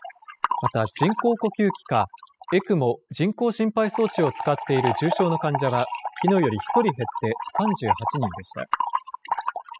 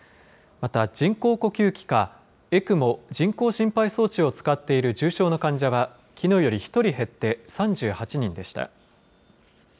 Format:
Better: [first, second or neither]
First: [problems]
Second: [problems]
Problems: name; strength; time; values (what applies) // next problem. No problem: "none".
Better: second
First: noise reduction (classical method spectral subtraction)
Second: none